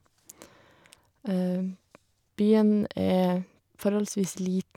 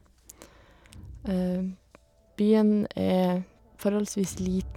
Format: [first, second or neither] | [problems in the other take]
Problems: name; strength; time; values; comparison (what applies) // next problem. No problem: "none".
first | background sound (Crowd); 19 dB below the speech